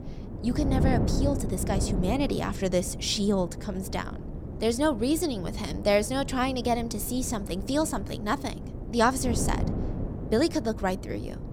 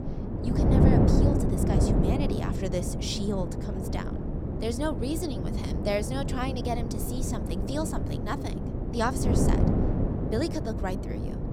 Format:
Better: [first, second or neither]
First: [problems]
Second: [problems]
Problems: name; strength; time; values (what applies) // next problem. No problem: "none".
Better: first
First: wind noise on the microphone; occasional gusts; 10 dB below the speech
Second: wind noise on the microphone; heavy; 1 dB below the speech